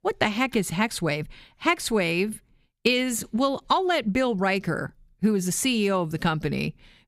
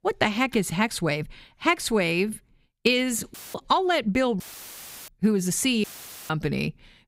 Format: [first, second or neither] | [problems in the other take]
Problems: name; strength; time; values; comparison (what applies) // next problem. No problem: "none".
first | audio cutting out; filled with static; at 3.5 s, at 4.5 s for 0.5 s and at 6 s